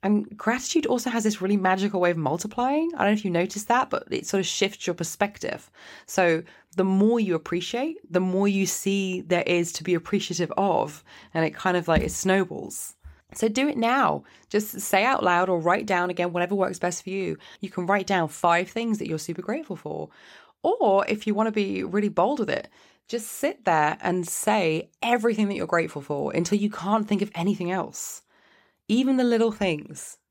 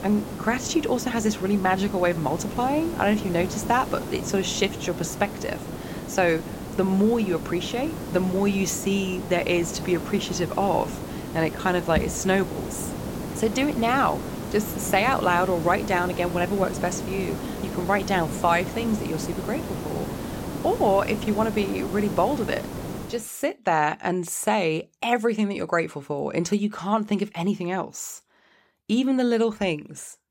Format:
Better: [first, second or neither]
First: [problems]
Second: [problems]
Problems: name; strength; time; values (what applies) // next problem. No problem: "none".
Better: first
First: none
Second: hiss; loud; until 23 s; 8 dB below the speech